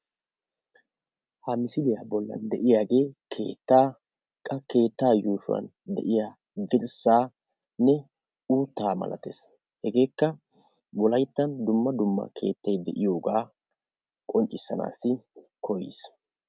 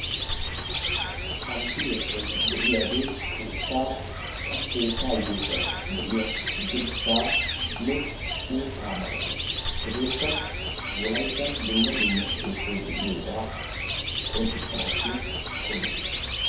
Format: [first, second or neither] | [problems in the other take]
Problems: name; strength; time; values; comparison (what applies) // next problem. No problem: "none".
first | background sound (Bird); 3 dB above the speech // room echo; dies away in 0.7 s